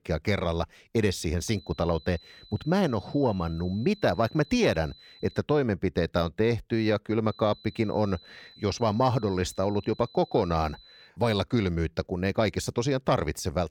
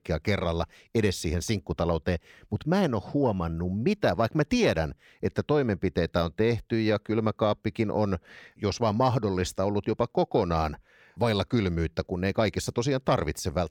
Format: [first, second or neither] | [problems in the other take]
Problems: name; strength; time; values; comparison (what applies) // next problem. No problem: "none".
second | high-pitched whine; faint; from 1.5 to 5.5 s and from 7.5 to 11 s; 4 kHz, 25 dB below the speech